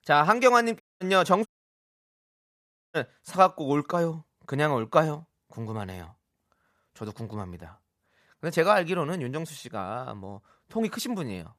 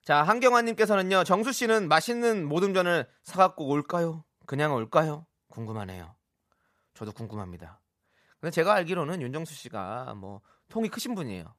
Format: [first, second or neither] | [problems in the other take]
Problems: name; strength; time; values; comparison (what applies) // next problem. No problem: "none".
second | audio cutting out; at 1 s and at 1.5 s for 1.5 s